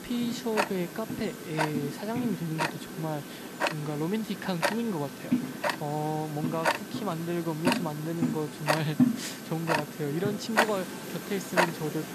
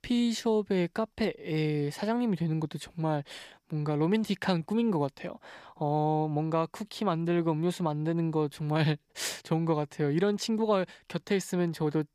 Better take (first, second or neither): second